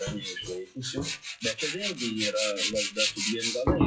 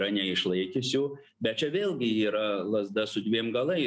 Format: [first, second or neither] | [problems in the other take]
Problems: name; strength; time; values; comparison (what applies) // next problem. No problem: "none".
second | noise reduction (classical method WPE with log-MMSE)